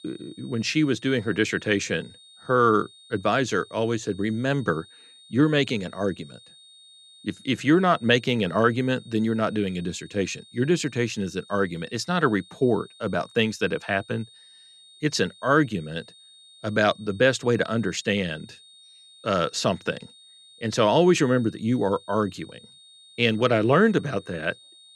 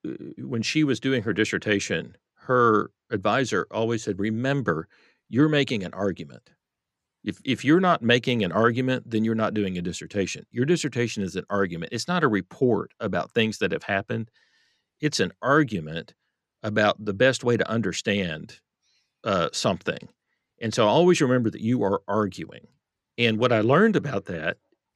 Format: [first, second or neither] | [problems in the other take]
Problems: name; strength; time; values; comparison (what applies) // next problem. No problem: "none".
second | high-pitched whine; faint; throughout; 3.5 kHz, 25 dB below the speech